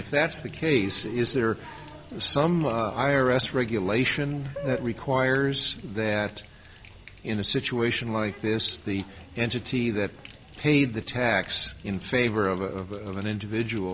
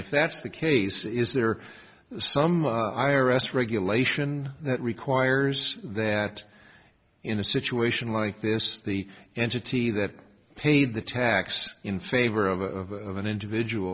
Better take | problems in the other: second | background sound (Water tap, faucet); 17 dB below the speech

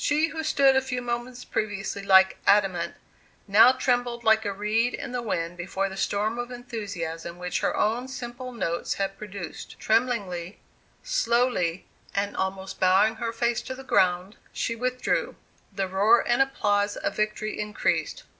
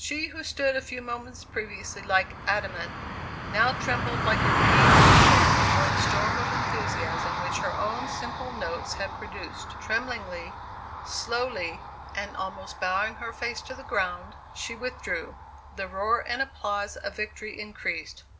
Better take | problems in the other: first | background sound (Car passing by); 4 dB above the speech

